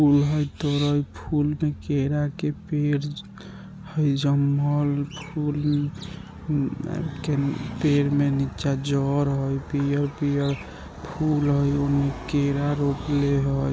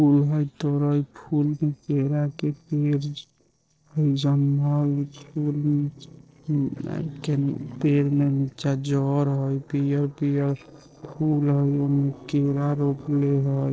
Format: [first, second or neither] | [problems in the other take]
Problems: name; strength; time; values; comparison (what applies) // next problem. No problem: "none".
first | noise reduction (neural separator model SepFormer DNS4)